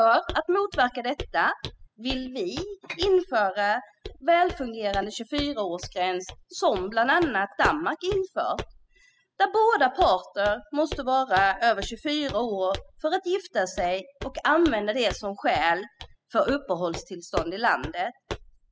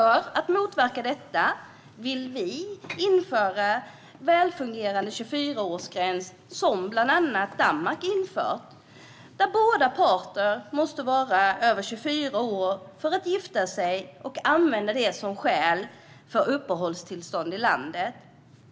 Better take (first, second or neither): second